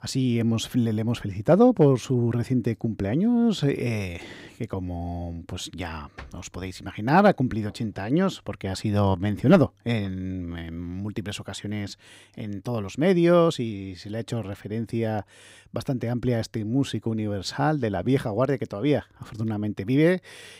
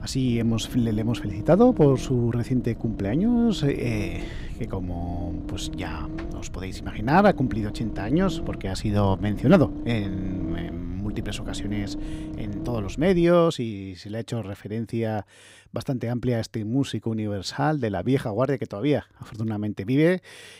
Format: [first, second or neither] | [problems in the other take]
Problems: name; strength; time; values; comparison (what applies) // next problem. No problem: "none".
first | low rumble; noticeable; until 13 s; 15 dB below the speech